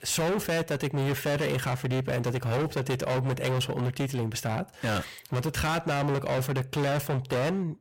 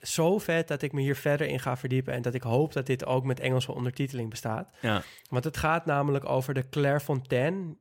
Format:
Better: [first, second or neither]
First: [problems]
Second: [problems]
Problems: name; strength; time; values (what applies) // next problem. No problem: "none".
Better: second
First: distortion; heavy; 31% of the sound clipped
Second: none